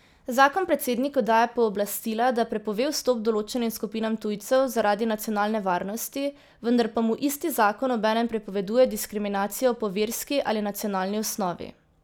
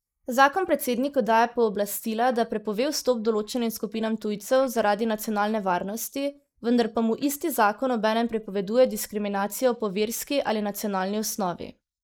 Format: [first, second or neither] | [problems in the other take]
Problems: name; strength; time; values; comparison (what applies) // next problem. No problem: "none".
first | noise reduction (neural mask model Resemble Enhance denoiser)